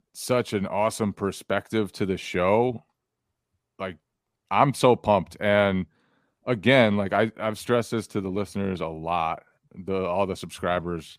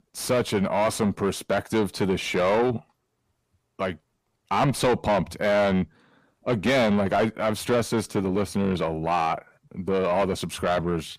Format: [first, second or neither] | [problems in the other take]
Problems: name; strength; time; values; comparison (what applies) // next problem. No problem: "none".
first | distortion; heavy; 6 dB below the speech